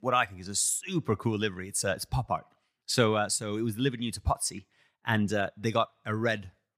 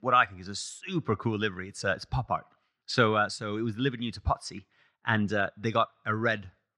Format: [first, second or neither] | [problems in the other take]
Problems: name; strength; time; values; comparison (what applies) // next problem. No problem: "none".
first | muffled; slightly; fading above 5 kHz